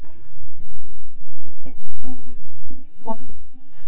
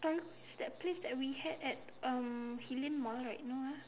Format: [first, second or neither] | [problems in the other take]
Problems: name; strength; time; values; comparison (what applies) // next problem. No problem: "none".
second | noise reduction (neural mask model DeepFilterNet 3)